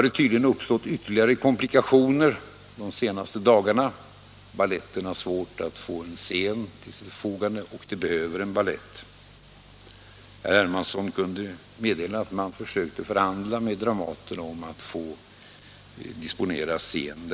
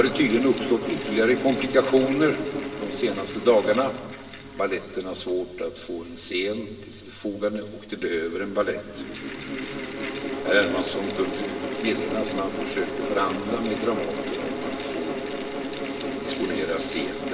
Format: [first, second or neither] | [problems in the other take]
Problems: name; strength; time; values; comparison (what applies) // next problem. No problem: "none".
first | background sound (Mechanical fan); 6 dB below the speech // room echo; dies away in 1.3 s